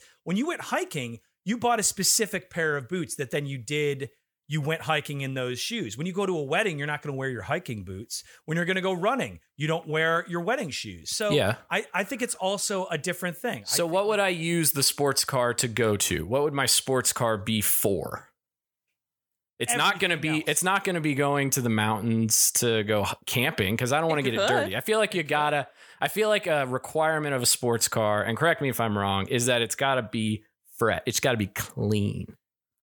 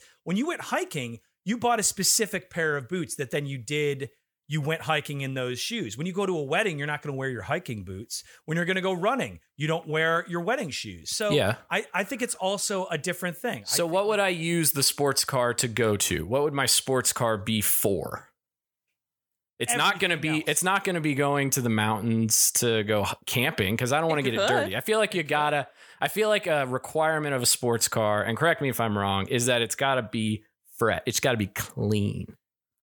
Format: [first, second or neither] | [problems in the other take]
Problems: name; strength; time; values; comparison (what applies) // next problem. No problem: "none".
neither | none